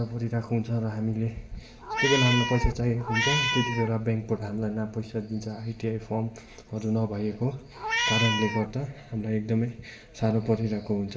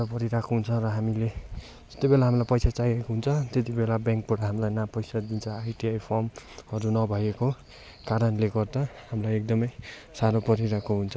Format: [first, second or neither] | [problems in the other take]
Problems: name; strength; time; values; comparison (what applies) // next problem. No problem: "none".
second | background sound (Meow); as loud as the speech // room echo; dies away in 0.6 s